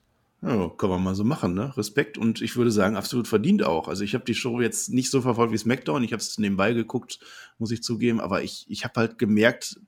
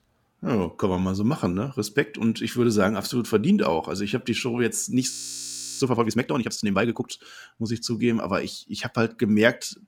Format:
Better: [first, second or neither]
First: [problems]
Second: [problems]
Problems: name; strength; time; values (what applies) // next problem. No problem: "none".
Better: first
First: none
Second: audio freezing; at 5 s for 0.5 s